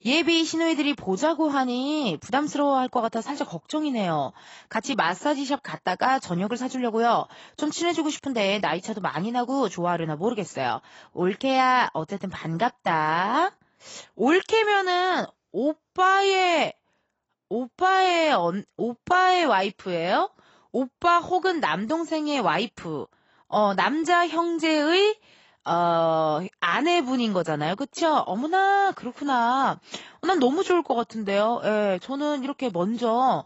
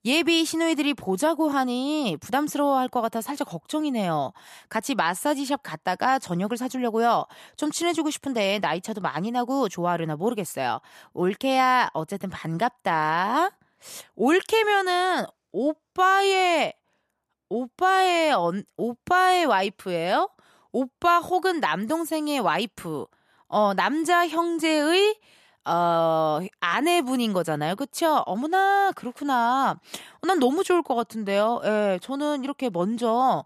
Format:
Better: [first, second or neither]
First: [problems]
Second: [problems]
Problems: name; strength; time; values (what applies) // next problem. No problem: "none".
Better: second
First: garbled, watery; badly; nothing above 8 kHz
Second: none